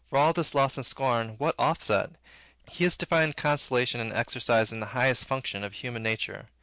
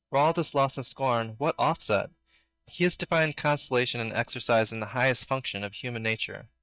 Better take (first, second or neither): first